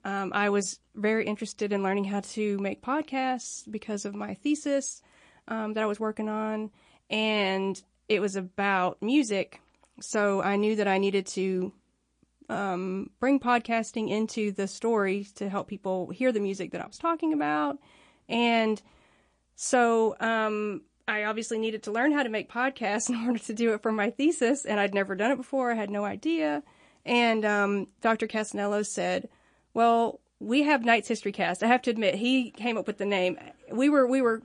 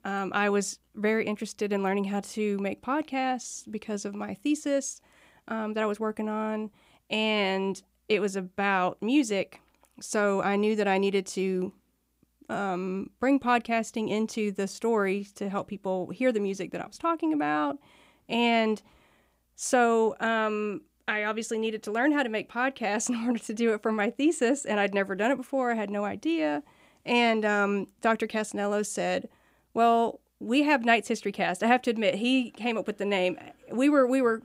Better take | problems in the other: second | garbled, watery; slightly; nothing above 8.5 kHz

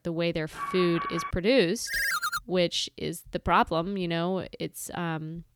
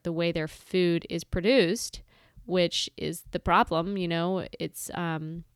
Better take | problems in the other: second | alarm; noticeable; at 0.5 s; peak 5 dB below the speech // phone ringing; loud; at 2 s; peak 2 dB above the speech

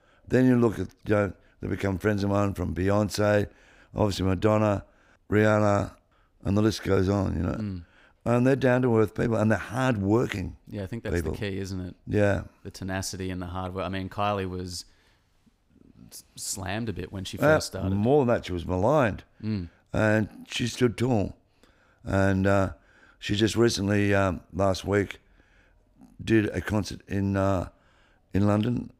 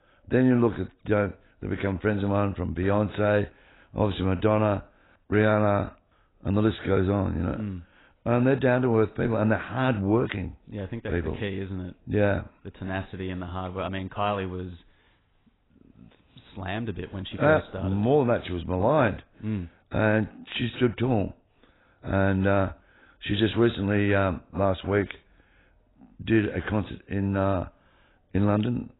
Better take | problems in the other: first | garbled, watery; badly; nothing above 4 kHz

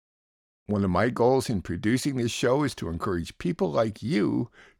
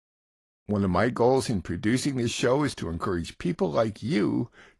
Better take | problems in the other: first | garbled, watery; slightly; nothing above 11 kHz

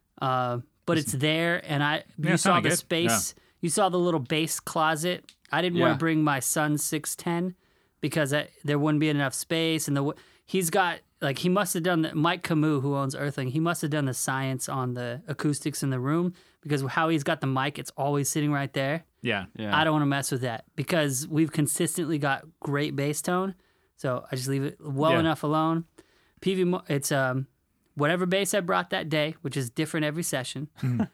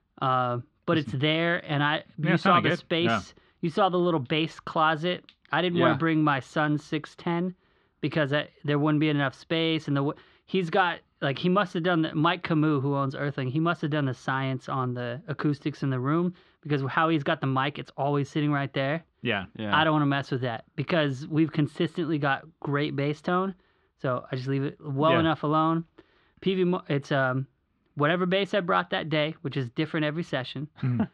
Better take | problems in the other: first | muffled; slightly; fading above 3.5 kHz

